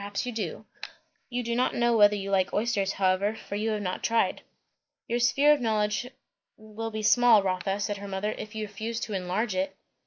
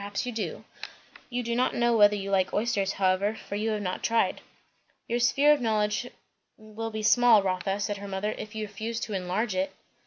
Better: second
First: noise reduction (neural mask model Resemble Enhance denoiser)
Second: none

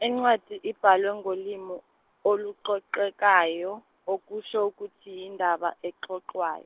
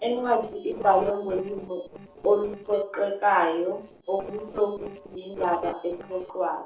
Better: first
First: none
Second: noise reduction (neural separator model SepFormer DNS4)

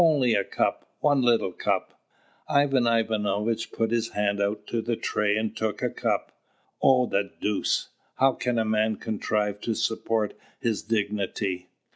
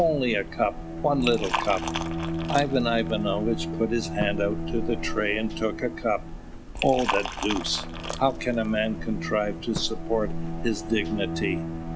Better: first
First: none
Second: background sound (Bowed string instrument + Liquid); 4 dB below the speech

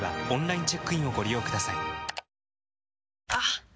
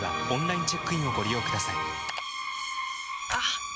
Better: first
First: none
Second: background sound (Screech); 2 dB below the speech

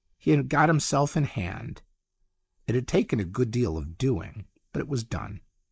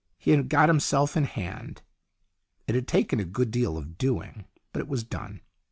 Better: second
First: noise reduction (neural mask model Resemble Enhance denoiser)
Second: none

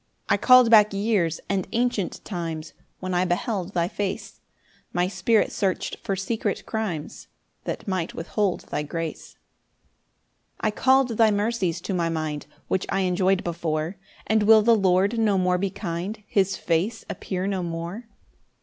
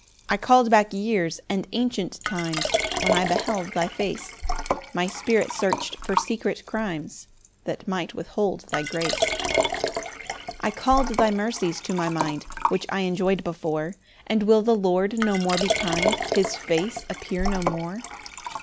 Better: first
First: none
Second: background sound (Liquid); 5 dB below the speech

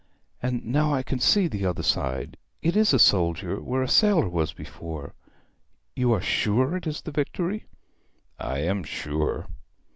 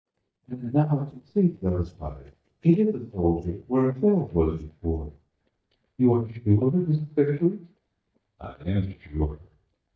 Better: first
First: none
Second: noise reduction (neural mask model DeepFilterNet 3)

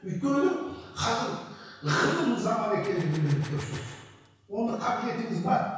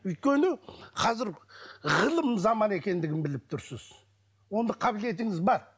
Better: second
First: background sound (Gunshot, gunfire); 17 dB below the speech // room echo; dies away in 1.1 s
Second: none

